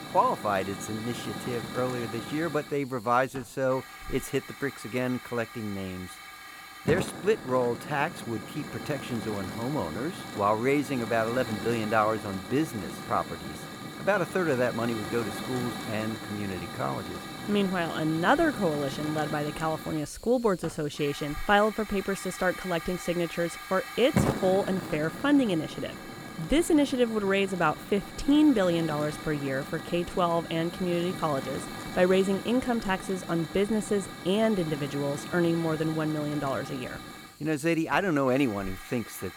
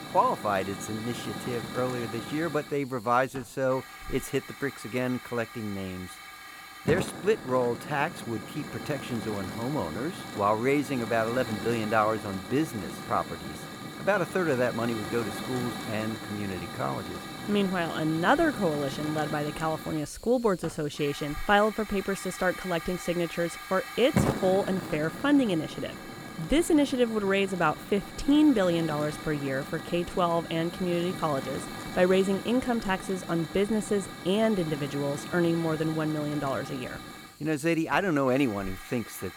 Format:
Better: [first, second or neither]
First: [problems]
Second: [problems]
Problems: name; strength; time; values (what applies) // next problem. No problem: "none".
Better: neither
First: hiss; loud; throughout; 10 dB below the speech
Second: hiss; loud; throughout; 10 dB below the speech